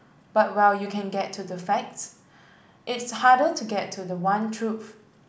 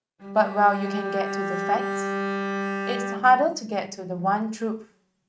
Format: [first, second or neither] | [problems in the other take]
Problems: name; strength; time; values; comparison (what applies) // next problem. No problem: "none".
first | noise reduction (neural mask model RNNoise)